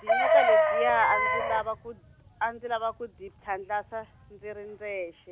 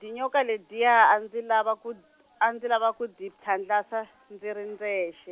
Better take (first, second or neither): second